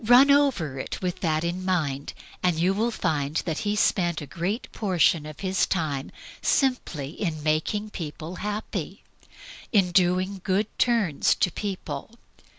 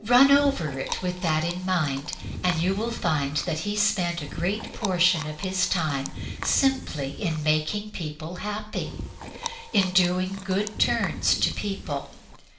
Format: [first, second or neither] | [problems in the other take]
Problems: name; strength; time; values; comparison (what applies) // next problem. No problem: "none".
first | background sound (Chewing, mastication); 11 dB below the speech // room echo; dies away in 0.6 s